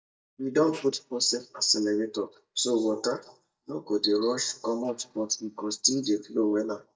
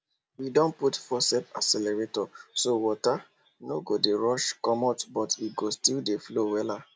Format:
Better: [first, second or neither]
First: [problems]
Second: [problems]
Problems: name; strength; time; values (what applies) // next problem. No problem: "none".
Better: second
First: noise reduction (neural mask model DeepFilterNet 3)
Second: none